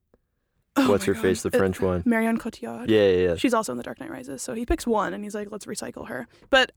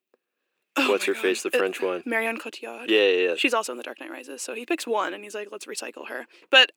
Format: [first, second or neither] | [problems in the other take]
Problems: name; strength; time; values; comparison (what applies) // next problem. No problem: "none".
first | thin; somewhat; fading below 350 Hz